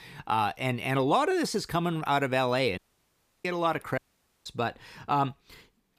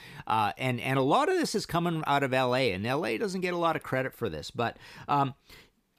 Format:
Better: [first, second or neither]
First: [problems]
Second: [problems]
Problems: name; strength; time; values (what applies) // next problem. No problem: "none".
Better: second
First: audio cutting out; at 3 s for 0.5 s and at 4 s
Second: none